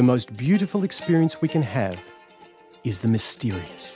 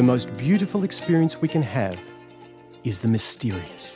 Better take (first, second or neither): first